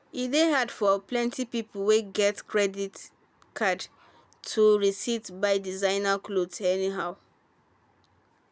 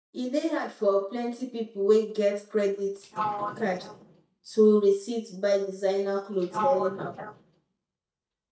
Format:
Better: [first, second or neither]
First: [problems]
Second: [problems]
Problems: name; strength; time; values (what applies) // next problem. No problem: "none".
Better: first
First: none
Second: noise reduction (neural mask model DeepFilterNet 3)